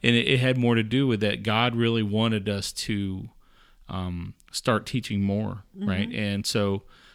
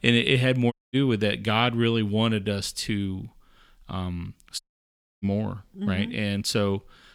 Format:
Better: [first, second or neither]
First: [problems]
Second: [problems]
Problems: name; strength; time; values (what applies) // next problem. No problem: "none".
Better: first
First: none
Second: audio cutting out; at 0.5 s and at 4.5 s for 0.5 s